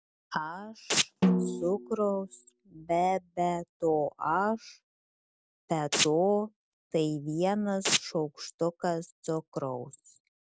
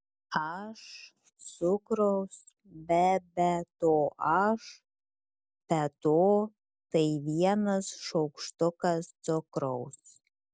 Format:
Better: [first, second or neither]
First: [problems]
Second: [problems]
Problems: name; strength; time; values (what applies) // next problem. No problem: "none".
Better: second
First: background sound (Snare drum + Domestic sounds, home sounds); as loud as the speech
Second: none